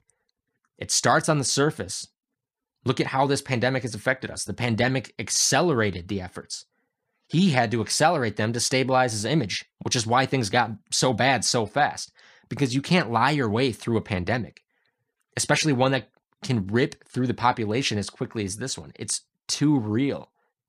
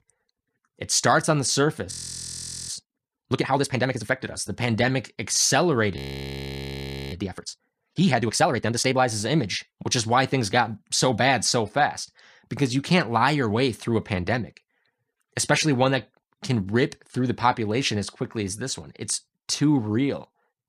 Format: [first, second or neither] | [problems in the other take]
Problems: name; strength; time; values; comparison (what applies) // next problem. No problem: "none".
first | audio freezing; at 2 s for 1 s and at 6 s for 1 s